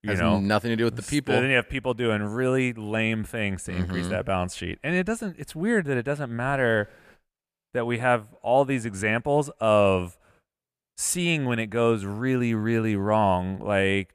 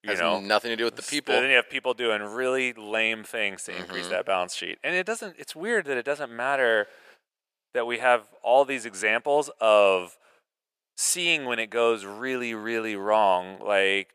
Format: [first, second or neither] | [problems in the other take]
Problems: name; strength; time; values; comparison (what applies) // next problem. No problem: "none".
first | thin; somewhat; fading below 500 Hz